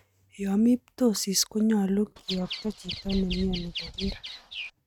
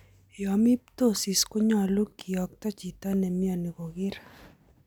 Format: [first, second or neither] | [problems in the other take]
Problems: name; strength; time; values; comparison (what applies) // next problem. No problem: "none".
second | noise reduction (neural mask model RNNoise)